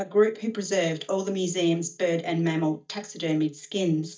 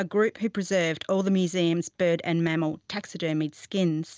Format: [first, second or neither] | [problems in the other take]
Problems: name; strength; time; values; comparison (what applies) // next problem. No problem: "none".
second | noise reduction (neural mask model DeepFilterNet 3)